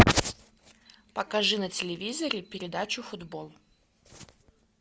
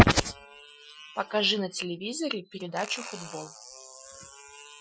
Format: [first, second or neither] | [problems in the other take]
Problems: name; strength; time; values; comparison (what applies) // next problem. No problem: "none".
first | noise reduction (classical method Wiener filter)